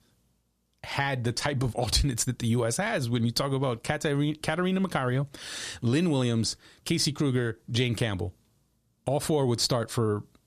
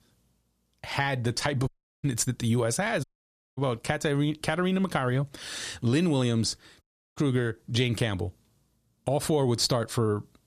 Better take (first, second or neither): first